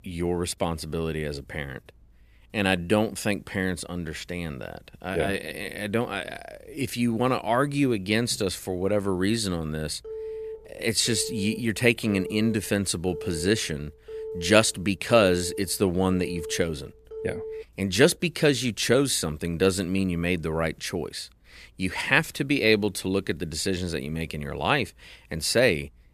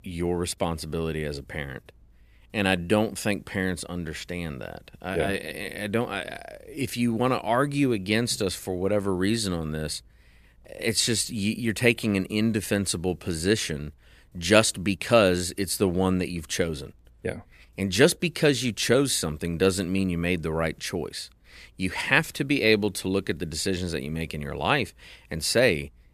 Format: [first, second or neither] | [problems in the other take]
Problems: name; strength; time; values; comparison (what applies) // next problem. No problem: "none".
second | phone ringing; noticeable; from 10 to 18 s; peak 10 dB below the speech